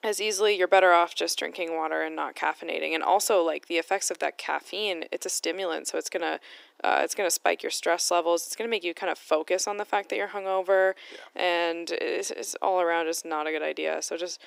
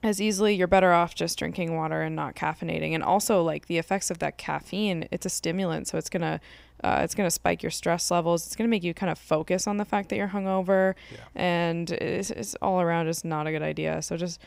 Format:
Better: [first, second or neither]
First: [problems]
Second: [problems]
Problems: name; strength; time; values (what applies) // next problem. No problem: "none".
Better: second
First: thin; very; fading below 300 Hz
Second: none